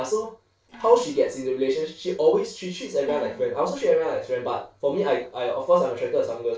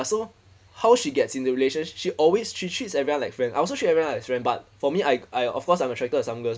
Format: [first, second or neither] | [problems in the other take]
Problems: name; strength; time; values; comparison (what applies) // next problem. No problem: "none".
second | noise reduction (neural separator model SepFormer DNS4)